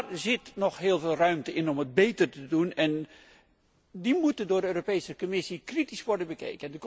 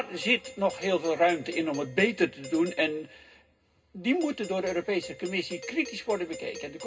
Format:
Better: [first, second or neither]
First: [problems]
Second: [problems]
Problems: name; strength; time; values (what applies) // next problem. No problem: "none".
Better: first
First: none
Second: background sound (Doorbell); 16 dB below the speech // room echo; dies away in 0.2 s